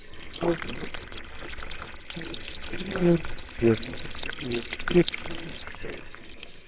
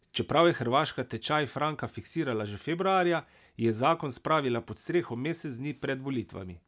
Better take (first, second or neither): second